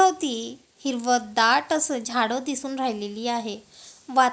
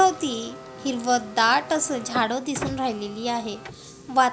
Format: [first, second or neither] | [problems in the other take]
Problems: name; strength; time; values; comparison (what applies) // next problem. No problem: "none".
first | background sound (Car); 14 dB below the speech